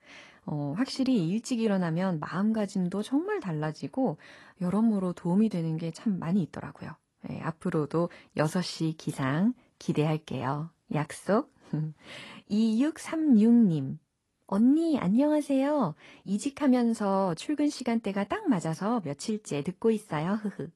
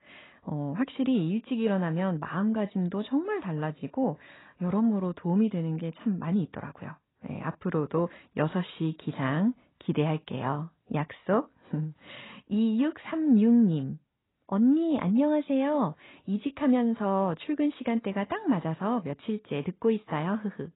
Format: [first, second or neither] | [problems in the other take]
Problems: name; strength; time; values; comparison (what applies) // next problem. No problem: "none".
first | garbled, watery; badly; nothing above 4 kHz; slightly in the first